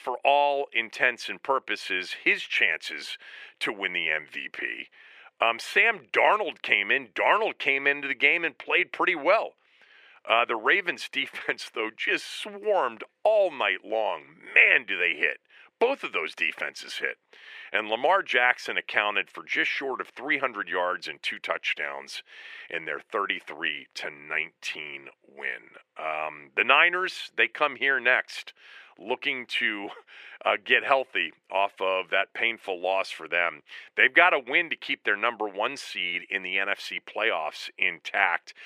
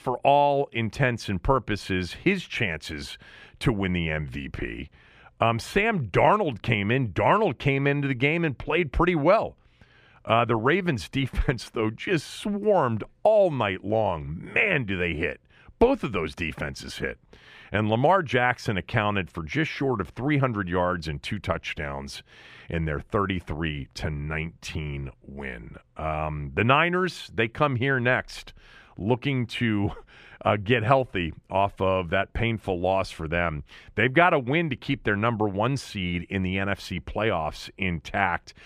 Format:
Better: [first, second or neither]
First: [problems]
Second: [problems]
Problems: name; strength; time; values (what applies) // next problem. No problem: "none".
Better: second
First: thin; very; fading below 400 Hz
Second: none